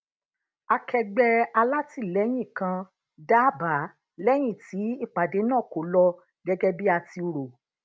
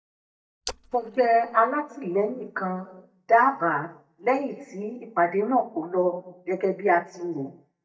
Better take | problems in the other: first | noise reduction (neural mask model DeepFilterNet 3)

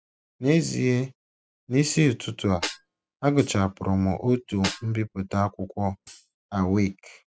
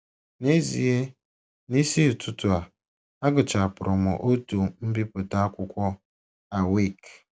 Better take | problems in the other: second | noise reduction (classical method spectral subtraction)

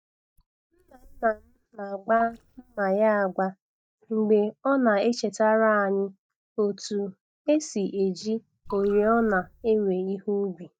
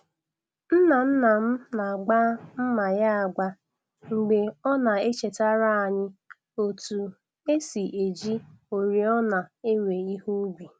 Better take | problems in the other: second | noise reduction (neural mask model DeepFilterNet 3)

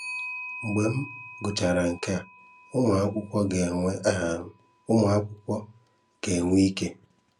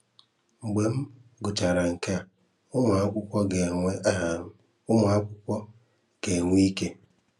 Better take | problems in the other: second | background sound (Clock); 16 dB below the speech

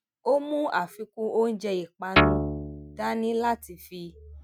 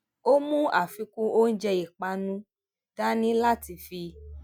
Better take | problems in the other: second | noise reduction (neural mask model RNNoise)

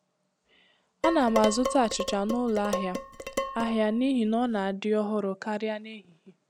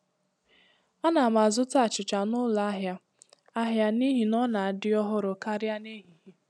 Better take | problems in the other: second | background sound (Dishes, pots, and pans); 6 dB below the speech

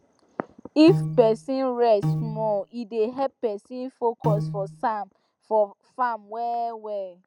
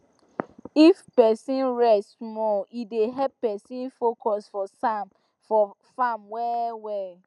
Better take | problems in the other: second | background sound (Piano); 4 dB below the speech

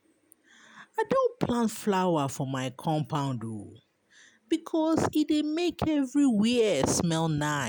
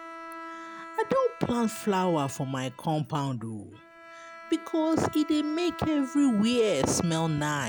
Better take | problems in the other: first | background sound (Bowed string instrument); 16 dB below the speech

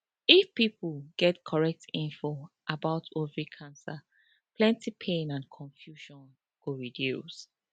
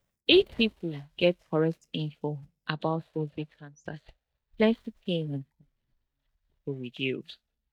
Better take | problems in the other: first | noise reduction (neural mask model DeepFilterNet 3)

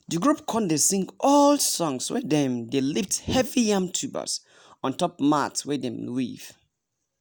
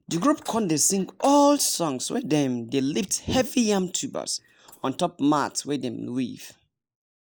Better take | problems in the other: first | noise reduction (neural mask model Resemble Enhance denoiser)

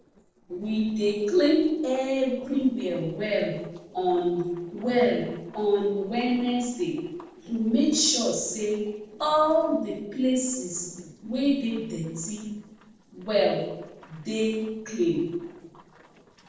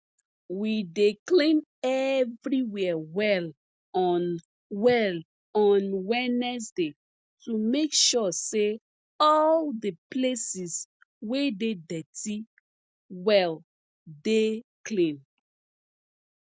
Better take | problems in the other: second | noise reduction (neural separator model SepFormer DNS4)

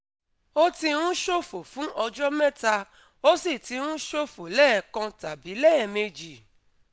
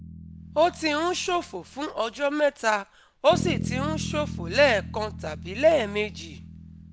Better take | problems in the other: first | background sound (Bass guitar); 10 dB below the speech

